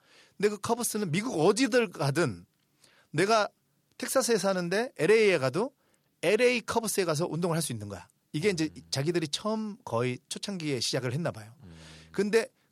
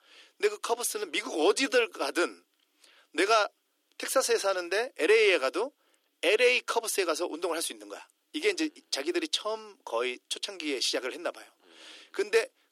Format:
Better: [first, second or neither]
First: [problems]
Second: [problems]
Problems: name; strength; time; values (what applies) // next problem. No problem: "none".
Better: first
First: none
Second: thin; somewhat; fading below 300 Hz